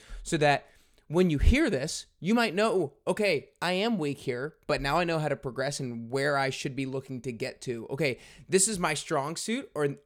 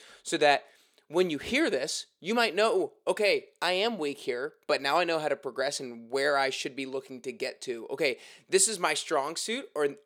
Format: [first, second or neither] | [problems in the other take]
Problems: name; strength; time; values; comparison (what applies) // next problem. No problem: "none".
first | thin; somewhat; fading below 400 Hz